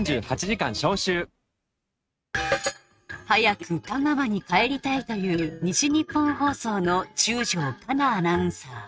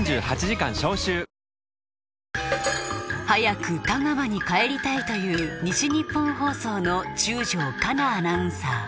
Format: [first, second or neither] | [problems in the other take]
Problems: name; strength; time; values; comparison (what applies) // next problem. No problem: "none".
second | noise reduction (neural mask model RNNoise)